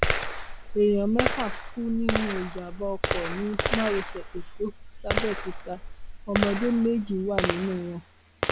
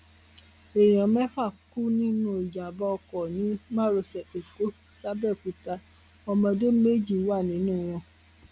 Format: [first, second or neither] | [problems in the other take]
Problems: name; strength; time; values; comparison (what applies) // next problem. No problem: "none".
second | background sound (Gunshot, gunfire); 1 dB below the speech